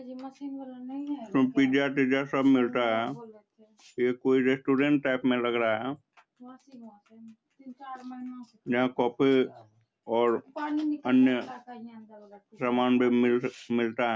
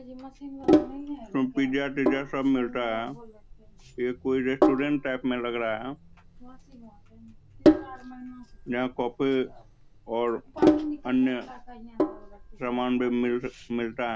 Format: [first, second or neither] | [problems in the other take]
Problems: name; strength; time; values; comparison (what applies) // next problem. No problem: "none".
first | background sound (Sink (filling or washing)); 1 dB below the speech